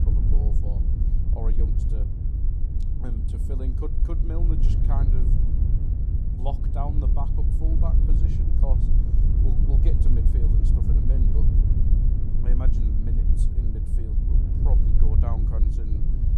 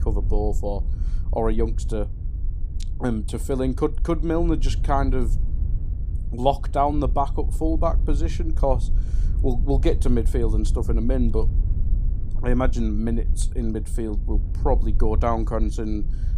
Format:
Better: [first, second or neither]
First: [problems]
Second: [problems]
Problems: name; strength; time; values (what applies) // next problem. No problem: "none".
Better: second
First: wind noise on the microphone; heavy; 1 dB above the speech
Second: wind noise on the microphone; occasional gusts; 20 dB below the speech